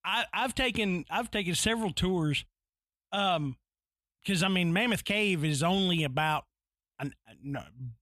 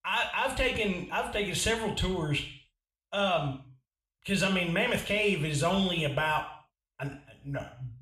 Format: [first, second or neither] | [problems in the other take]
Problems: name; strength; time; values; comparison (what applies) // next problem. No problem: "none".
first | room echo; slight; dies away in 0.5 s // off-mic speech; somewhat distant